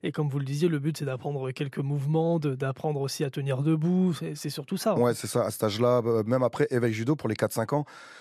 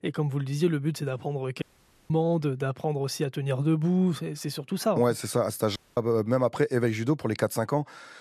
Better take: first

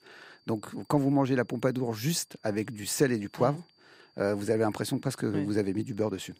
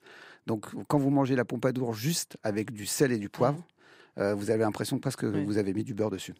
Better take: second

